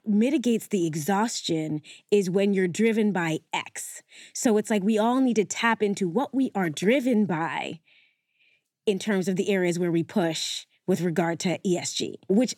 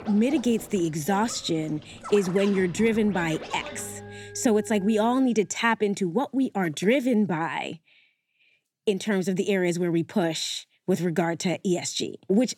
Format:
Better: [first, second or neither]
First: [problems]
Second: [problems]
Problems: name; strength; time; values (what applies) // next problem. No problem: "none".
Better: first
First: none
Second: background music; noticeable; until 5 s; 15 dB below the speech